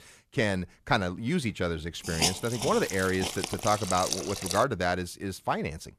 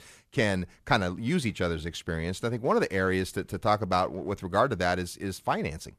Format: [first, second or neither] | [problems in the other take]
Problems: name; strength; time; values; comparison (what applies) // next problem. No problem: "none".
second | hiss; loud; from 2 to 4.5 s; 3 dB below the speech